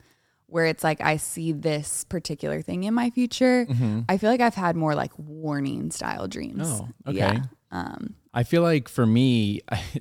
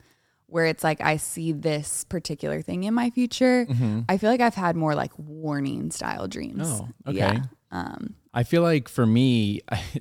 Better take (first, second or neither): neither